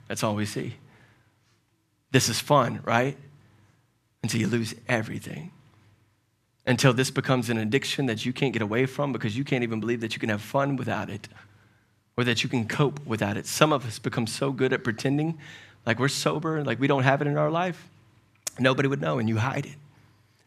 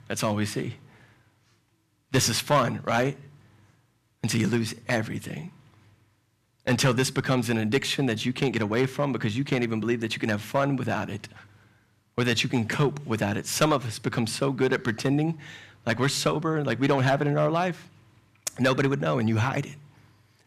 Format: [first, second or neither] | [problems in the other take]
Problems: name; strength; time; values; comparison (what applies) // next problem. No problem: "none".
first | distortion; slight; 1.5% of the sound clipped